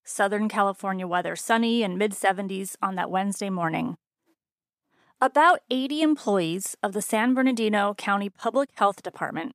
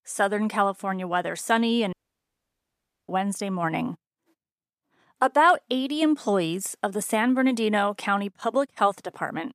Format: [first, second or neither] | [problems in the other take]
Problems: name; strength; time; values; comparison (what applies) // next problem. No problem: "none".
first | audio cutting out; at 2 s for 1 s